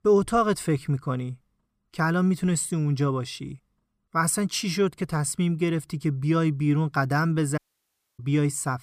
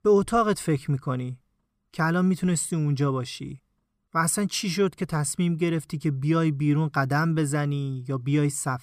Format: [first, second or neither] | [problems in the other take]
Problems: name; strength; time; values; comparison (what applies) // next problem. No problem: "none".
second | audio cutting out; at 7.5 s for 0.5 s